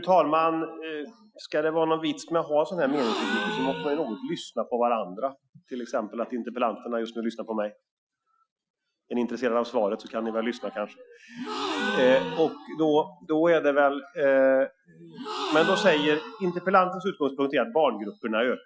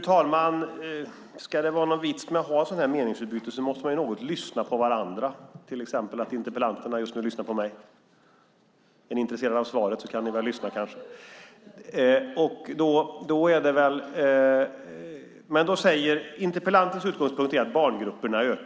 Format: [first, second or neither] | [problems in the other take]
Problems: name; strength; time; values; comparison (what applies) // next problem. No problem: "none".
second | noise reduction (classical method Wiener filter)